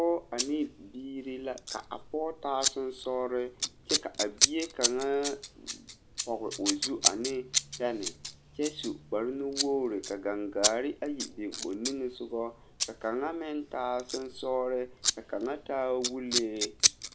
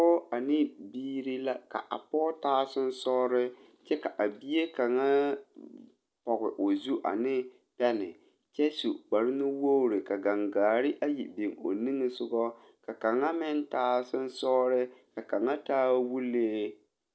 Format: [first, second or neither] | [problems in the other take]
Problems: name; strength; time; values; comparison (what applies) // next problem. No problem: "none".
second | background sound (Scissors); 1 dB below the speech